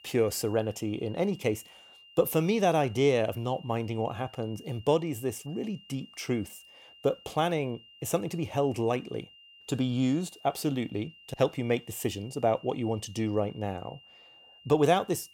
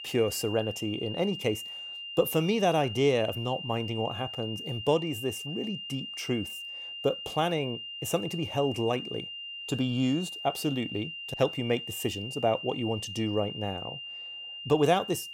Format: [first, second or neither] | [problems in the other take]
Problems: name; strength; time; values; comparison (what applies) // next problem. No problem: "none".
first | high-pitched whine; loud; throughout; 3 kHz, 7 dB below the speech; faint in the first